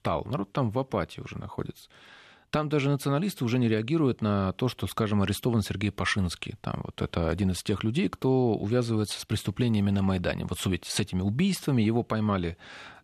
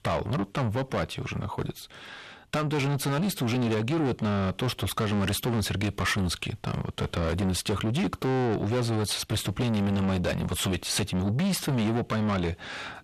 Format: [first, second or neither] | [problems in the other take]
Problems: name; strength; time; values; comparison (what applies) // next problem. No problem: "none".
first | distortion; heavy; 6 dB below the speech